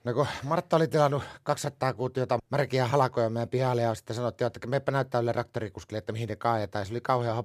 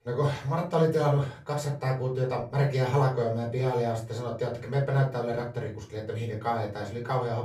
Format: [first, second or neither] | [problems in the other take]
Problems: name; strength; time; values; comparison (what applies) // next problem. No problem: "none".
first | off-mic speech; far // room echo; slight; dies away in 0.3 s